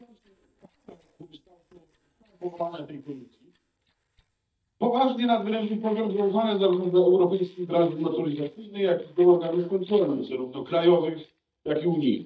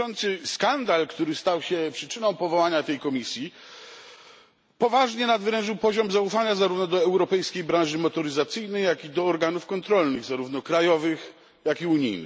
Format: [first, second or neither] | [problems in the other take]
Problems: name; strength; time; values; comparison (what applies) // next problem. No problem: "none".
second | noise reduction (neural mask model DeepFilterNet 3)